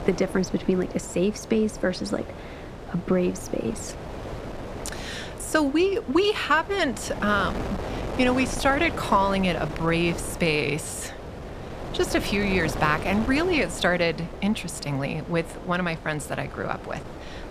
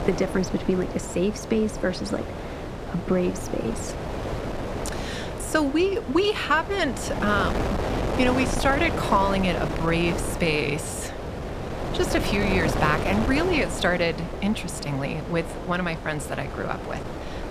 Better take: first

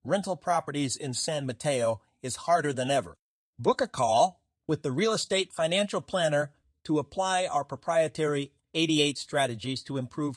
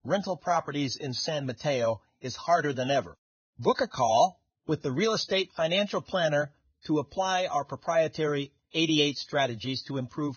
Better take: first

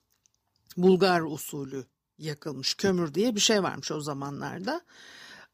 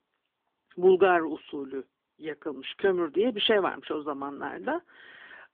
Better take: first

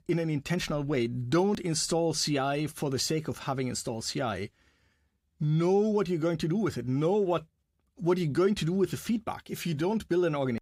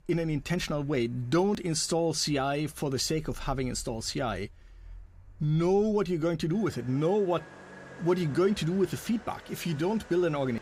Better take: first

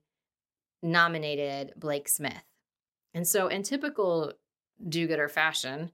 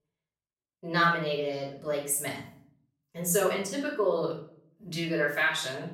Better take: first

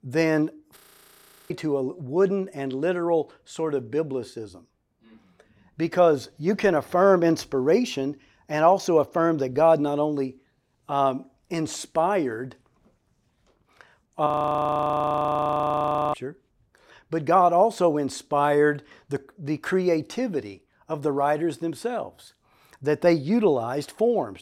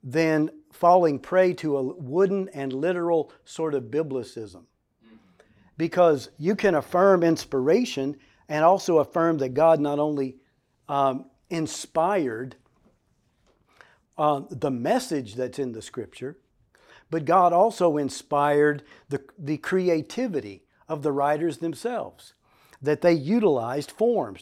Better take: second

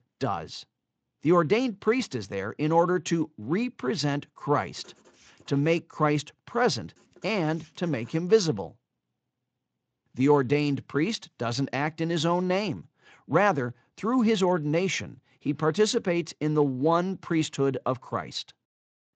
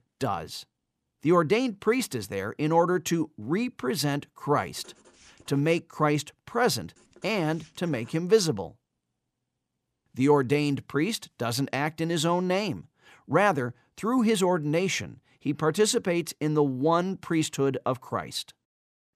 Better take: second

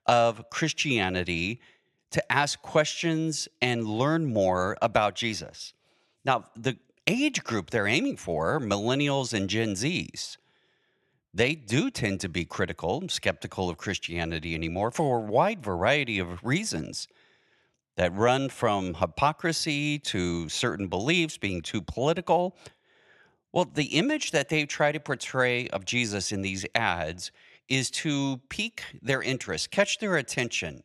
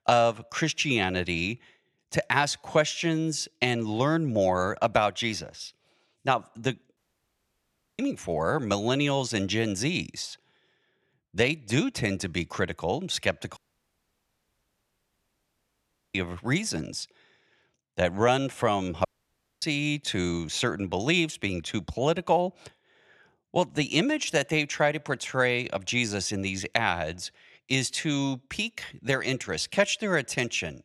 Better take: first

